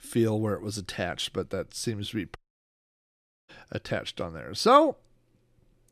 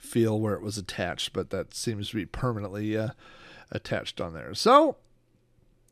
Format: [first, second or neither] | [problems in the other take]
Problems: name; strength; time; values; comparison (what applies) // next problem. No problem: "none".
second | audio cutting out; at 2.5 s for 1 s